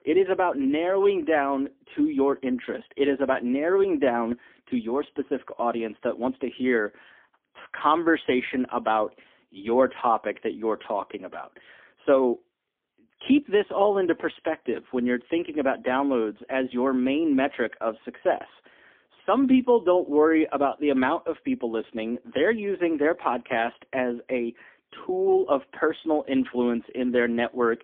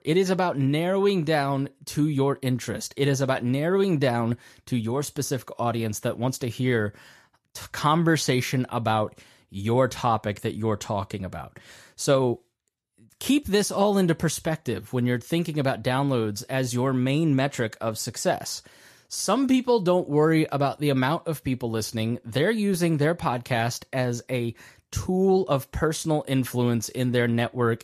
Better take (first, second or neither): second